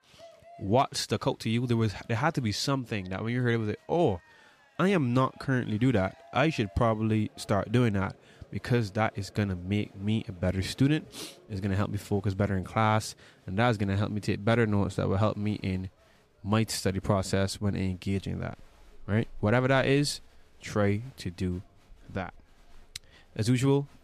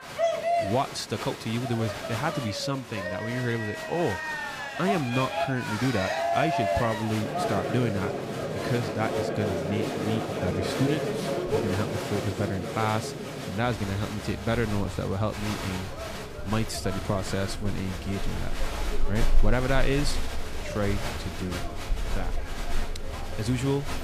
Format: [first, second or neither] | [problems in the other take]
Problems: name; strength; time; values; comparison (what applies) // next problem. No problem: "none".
first | crowd noise; loud; throughout; 2 dB below the speech; faint in the first